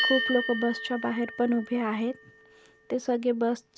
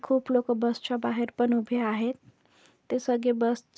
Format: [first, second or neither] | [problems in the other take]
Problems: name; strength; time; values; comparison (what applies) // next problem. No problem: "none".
second | background sound (Bell); 7 dB below the speech